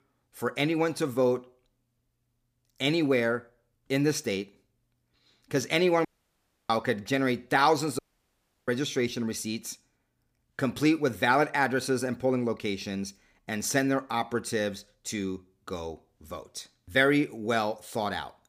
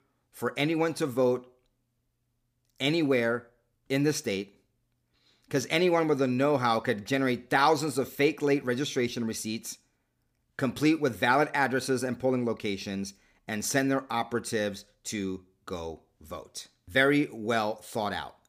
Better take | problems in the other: second | audio cutting out; at 6 s for 0.5 s and at 8 s for 0.5 s

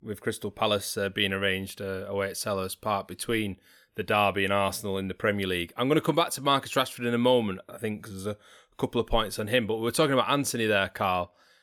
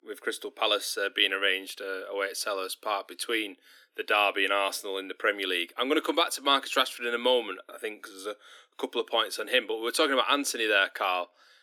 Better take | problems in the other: first | thin; somewhat; fading below 300 Hz

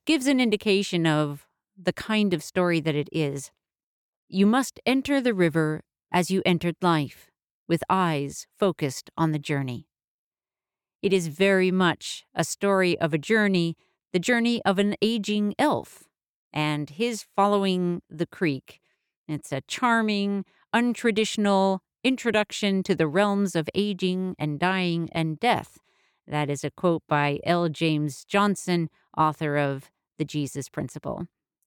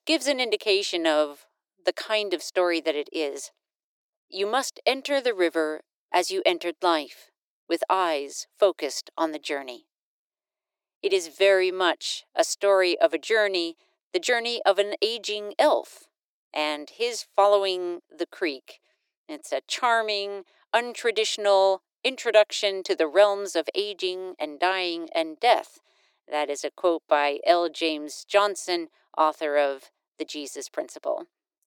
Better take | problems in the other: first | thin; very; fading below 350 Hz

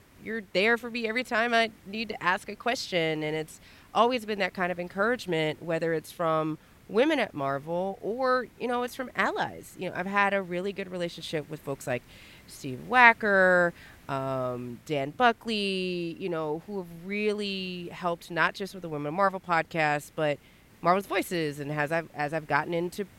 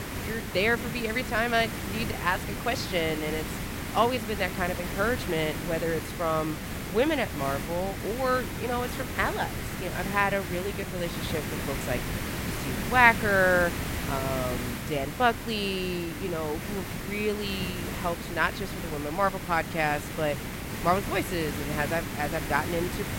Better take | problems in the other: first | hiss; loud; throughout; 5 dB below the speech; faint in the first

